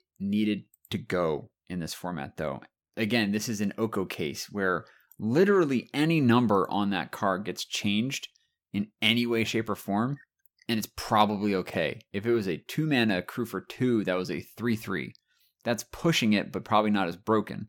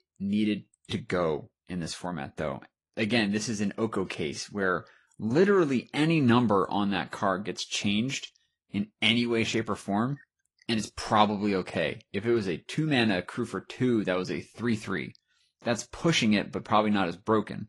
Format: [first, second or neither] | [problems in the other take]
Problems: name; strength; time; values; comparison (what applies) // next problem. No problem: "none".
first | garbled, watery; slightly; nothing above 11 kHz